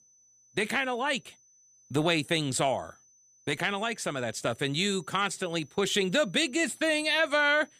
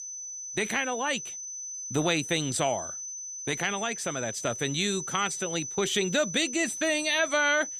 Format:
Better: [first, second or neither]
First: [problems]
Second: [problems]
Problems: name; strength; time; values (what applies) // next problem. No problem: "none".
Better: first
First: high-pitched whine; faint; throughout; 6 kHz, 30 dB below the speech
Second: high-pitched whine; loud; throughout; 6 kHz, 7 dB below the speech